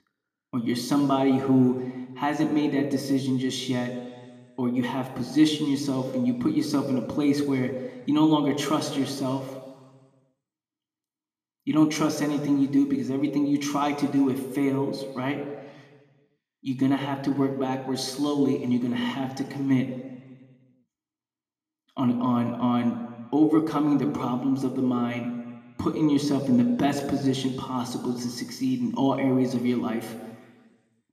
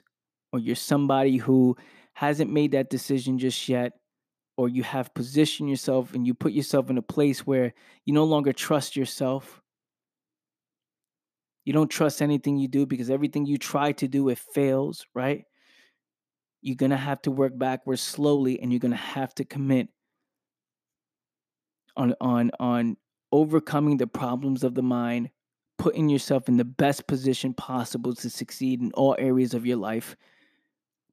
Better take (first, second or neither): second